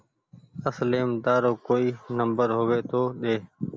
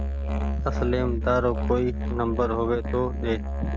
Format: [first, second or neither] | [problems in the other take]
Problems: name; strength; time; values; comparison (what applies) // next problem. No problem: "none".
first | noise reduction (neural mask model RNNoise)